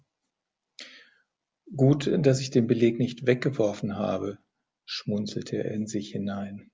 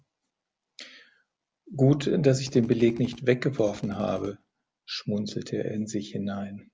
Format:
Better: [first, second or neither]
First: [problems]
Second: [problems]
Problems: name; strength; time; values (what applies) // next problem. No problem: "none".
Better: first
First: none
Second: background sound (Drill); 18 dB below the speech